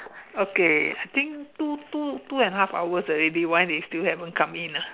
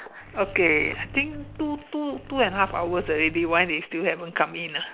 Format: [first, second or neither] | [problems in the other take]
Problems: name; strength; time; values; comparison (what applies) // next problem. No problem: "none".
first | background sound (Microwave oven); 15 dB below the speech